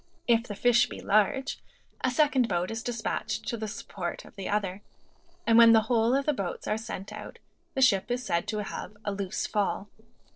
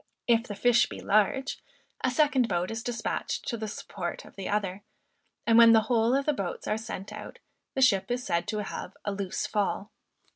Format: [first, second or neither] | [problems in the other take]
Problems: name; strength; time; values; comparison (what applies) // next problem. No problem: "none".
second | noise reduction (neural separator model SepFormer DNS4)